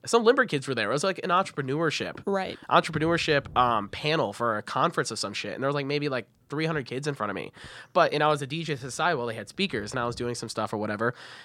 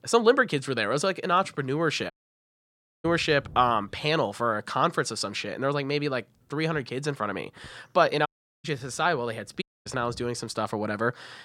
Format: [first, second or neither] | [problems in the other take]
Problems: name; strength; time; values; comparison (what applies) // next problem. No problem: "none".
first | audio cutting out; at 2 s for 1 s, at 8.5 s and at 9.5 s